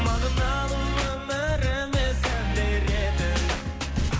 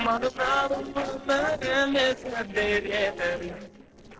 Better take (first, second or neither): first